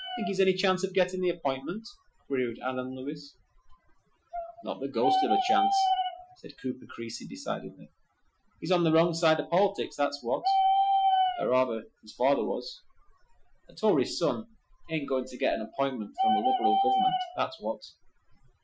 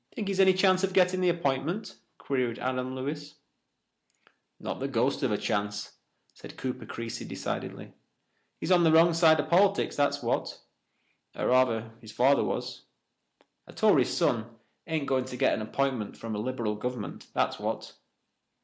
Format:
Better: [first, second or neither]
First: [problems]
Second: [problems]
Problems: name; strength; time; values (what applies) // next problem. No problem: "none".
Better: second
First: noise reduction (classical method Wiener filter)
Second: none